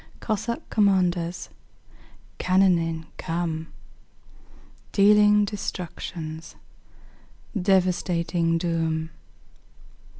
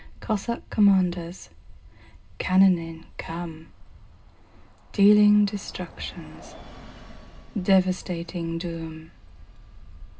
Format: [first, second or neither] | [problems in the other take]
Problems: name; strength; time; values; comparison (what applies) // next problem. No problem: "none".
first | background sound (Bus); 19 dB below the speech // room echo; dies away in 0.2 s